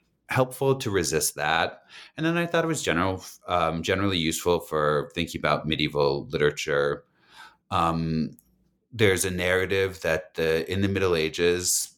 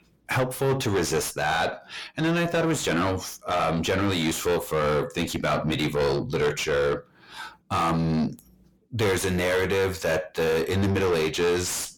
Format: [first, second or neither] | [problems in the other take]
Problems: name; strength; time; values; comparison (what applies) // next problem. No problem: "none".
first | distortion; heavy; 6 dB below the speech